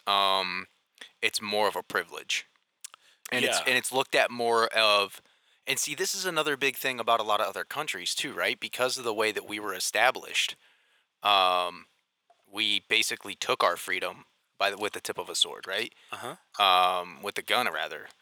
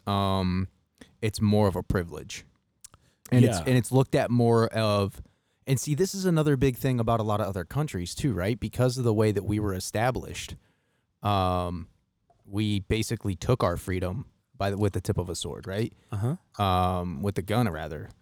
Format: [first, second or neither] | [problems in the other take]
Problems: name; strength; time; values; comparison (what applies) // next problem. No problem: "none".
second | thin; very; fading below 700 Hz